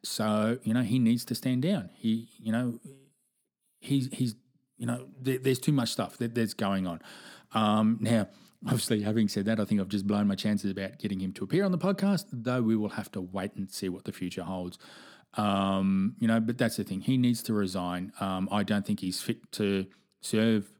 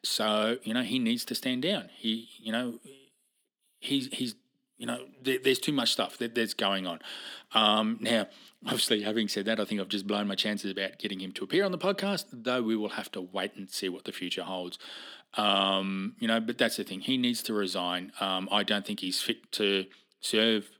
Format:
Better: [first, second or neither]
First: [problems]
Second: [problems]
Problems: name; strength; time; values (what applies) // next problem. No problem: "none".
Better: first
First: none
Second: thin; very slightly; fading below 350 Hz